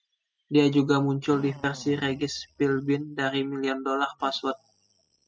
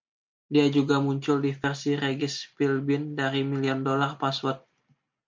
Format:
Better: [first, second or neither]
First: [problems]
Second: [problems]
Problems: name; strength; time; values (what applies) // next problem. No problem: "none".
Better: second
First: noise reduction (classical method spectral subtraction)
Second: none